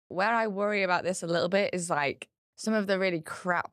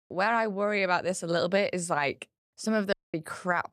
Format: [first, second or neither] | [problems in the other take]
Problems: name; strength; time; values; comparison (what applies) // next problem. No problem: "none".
first | audio cutting out; at 3 s